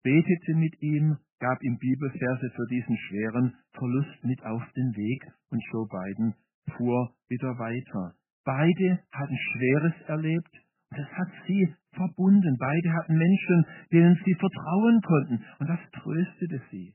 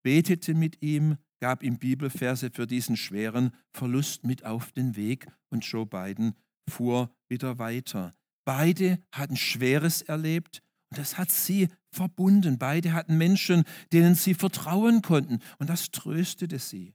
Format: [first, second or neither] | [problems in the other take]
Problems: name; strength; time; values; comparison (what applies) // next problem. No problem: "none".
second | garbled, watery; badly; nothing above 3 kHz